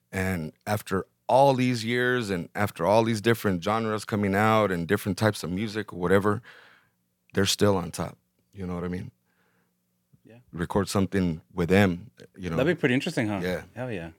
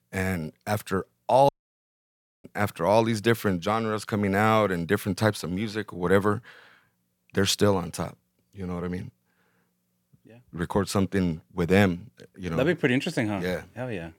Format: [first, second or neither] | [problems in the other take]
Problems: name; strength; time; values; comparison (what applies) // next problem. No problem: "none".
first | audio cutting out; at 1.5 s for 1 s